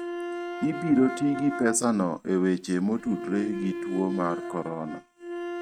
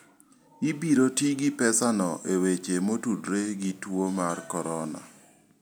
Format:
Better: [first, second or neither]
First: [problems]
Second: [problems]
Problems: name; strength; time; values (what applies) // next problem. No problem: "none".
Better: second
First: noise reduction (neural mask model RNNoise)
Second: none